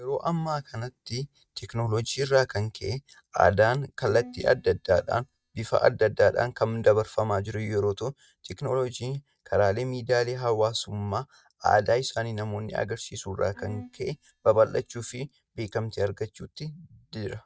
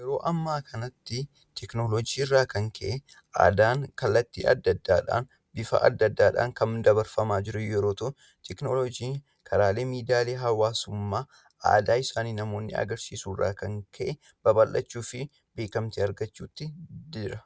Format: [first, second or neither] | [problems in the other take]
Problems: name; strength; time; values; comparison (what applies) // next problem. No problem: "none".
second | noise reduction (neural mask model DeepFilterNet 3)